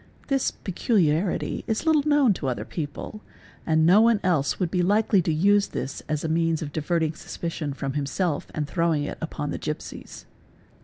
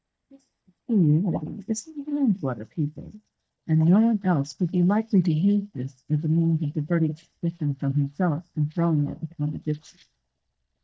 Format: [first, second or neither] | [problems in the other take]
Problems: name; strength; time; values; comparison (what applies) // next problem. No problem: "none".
first | noise reduction (neural mask model DeepFilterNet 3)